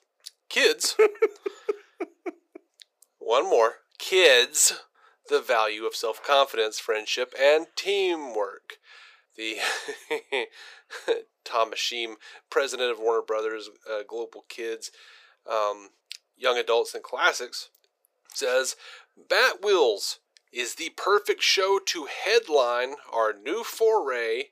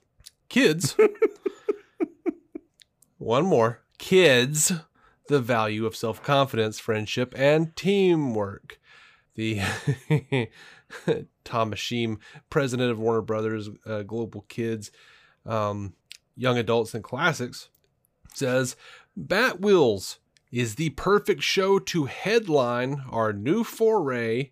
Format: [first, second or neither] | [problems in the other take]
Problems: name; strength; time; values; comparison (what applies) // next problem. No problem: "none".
second | thin; very; fading below 400 Hz